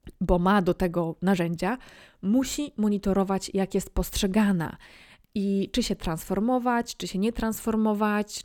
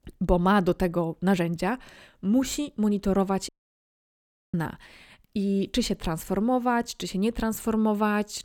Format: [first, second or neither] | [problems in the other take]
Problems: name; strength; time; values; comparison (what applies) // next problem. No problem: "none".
first | audio cutting out; at 3.5 s for 1 s